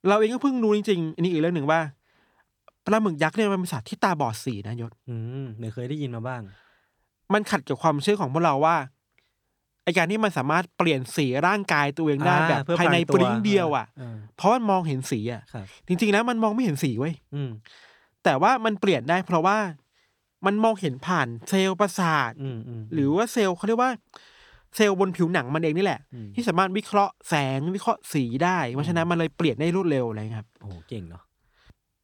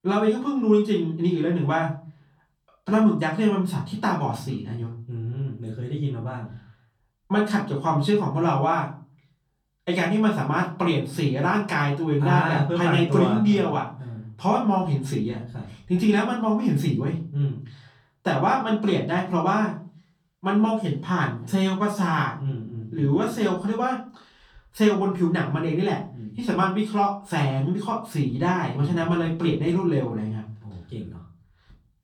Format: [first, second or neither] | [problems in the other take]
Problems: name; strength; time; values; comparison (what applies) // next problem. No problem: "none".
first | room echo; slight; dies away in 0.4 s // off-mic speech; far